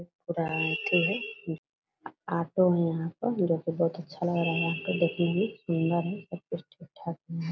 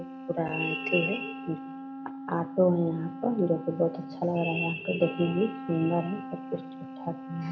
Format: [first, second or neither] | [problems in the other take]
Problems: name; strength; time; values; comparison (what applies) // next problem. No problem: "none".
first | background sound (Wind instrument, woodwind instrument); 11 dB below the speech // room echo; dies away in 2.5 s